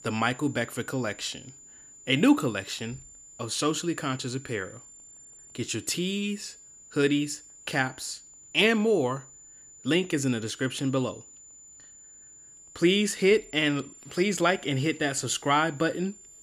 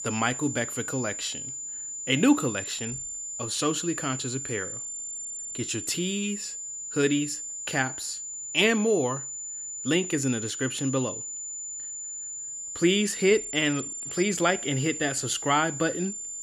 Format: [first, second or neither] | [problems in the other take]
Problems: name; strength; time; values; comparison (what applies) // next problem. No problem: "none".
first | high-pitched whine; loud; throughout; 7 kHz, 6 dB below the speech; faint in the first